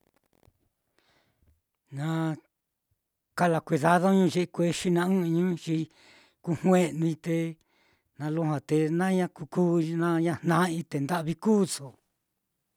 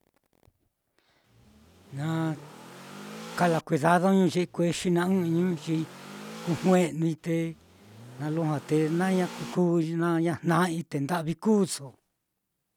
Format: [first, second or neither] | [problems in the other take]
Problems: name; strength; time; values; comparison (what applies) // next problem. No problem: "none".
first | background sound (Accelerating, revving, vroom / Car); 16 dB below the speech